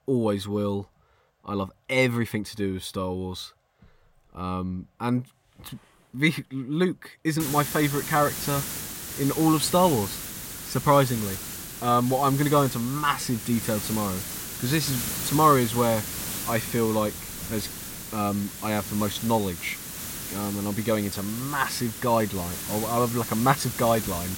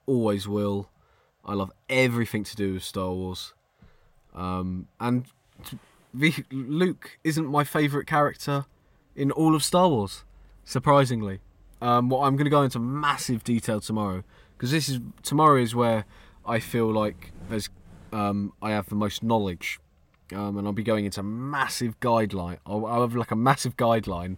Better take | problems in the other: second | hiss; loud; from 7.5 s on; 7 dB below the speech

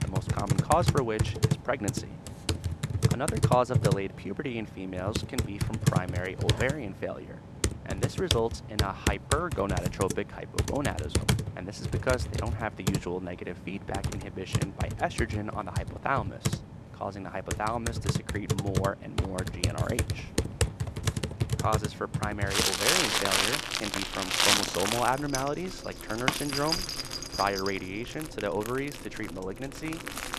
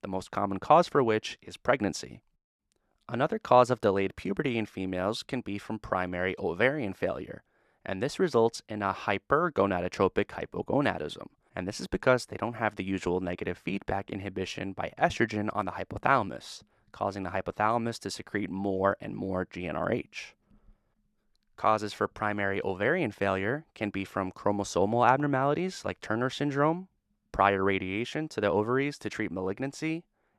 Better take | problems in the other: second | household noises; very loud; throughout; 3 dB above the speech

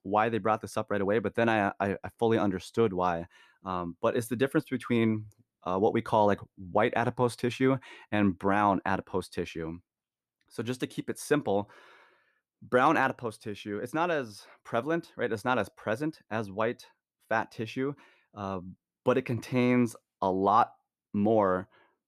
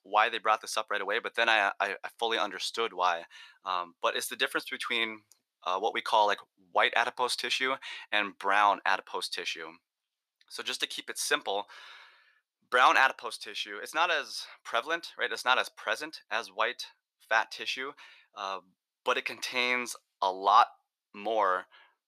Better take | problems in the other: first | thin; very; fading below 900 Hz

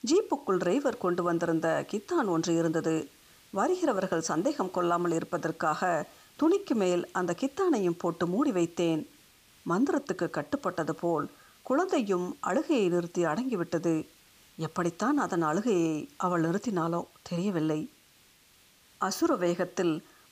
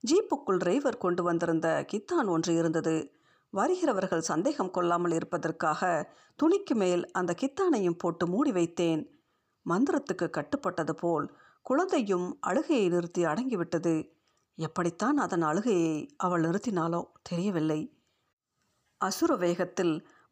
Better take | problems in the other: second | hiss; faint; throughout; 25 dB below the speech

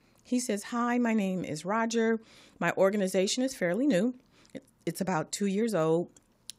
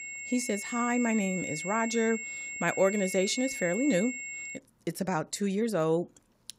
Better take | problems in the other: first | high-pitched whine; loud; until 4.5 s; 2 kHz, 6 dB below the speech

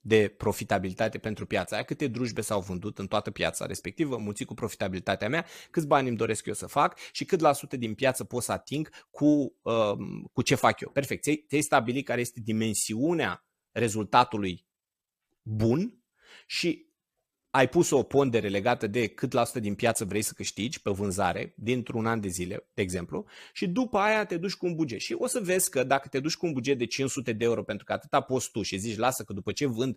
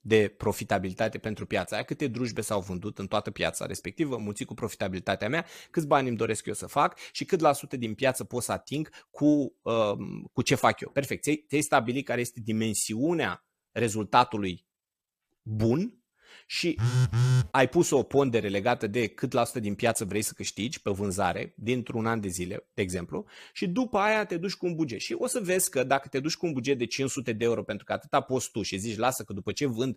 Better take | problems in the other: first | phone ringing; loud; at 17 s; peak 5 dB above the speech

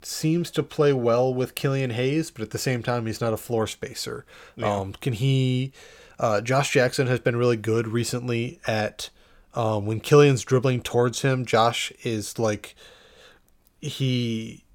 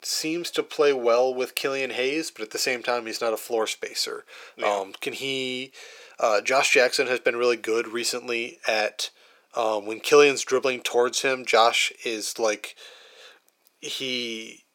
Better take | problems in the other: first | thin; very; fading below 350 Hz

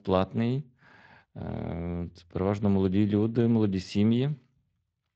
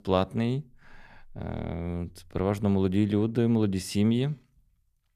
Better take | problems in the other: second | garbled, watery; slightly; nothing above 8 kHz

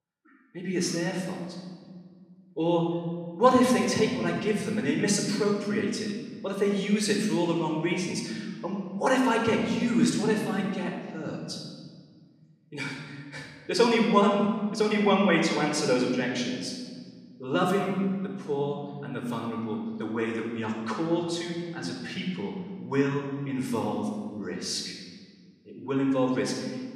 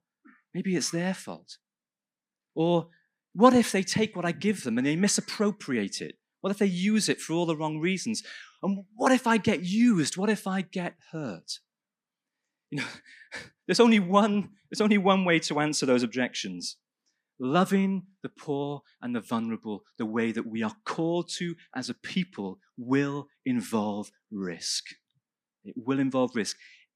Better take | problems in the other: second | off-mic speech; somewhat distant // room echo; noticeable; dies away in 1.5 s

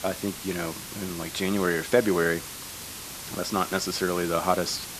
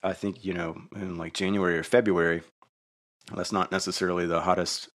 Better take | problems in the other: second | hiss; loud; throughout; 9 dB below the speech

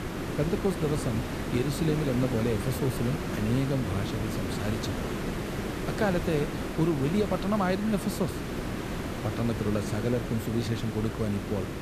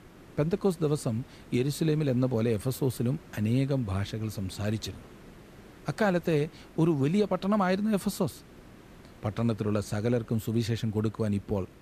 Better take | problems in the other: second | hiss; loud; throughout; 3 dB below the speech; faint in the second

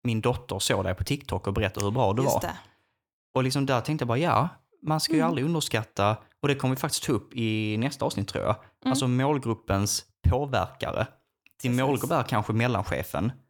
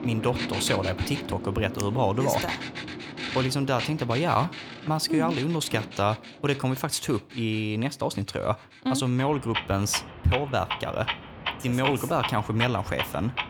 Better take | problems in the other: first | household noises; loud; throughout; 7 dB below the speech

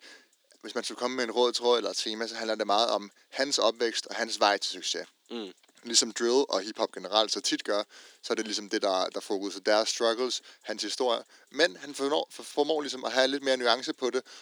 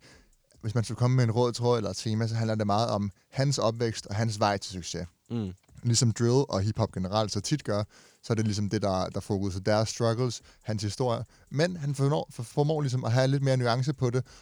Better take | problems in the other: second | thin; somewhat; fading below 300 Hz

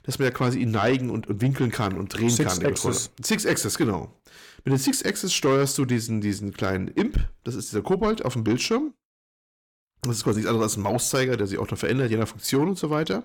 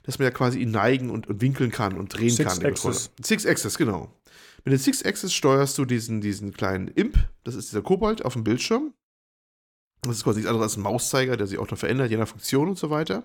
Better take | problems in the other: second | distortion; slight; 10 dB below the speech

